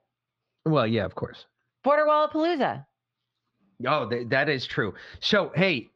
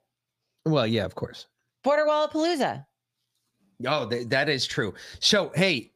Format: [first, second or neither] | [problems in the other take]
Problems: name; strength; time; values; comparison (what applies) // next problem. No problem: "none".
second | muffled; slightly; fading above 3.5 kHz